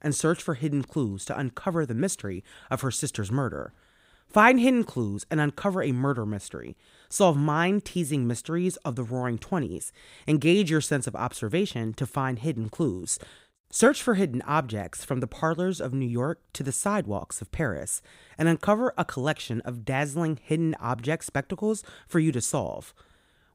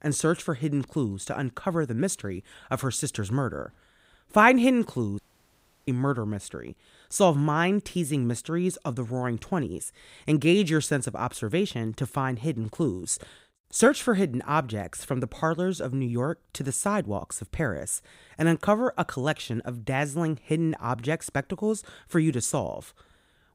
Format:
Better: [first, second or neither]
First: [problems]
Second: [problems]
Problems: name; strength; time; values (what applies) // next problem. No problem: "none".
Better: first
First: none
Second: audio cutting out; at 5 s for 0.5 s